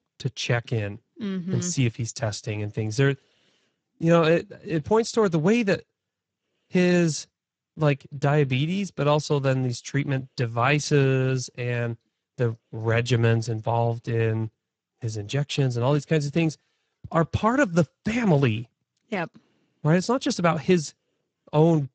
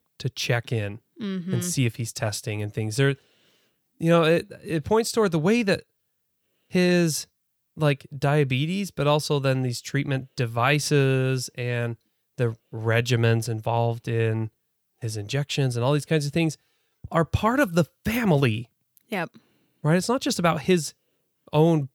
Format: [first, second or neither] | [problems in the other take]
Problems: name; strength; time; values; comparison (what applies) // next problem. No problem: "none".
second | garbled, watery; badly; nothing above 8 kHz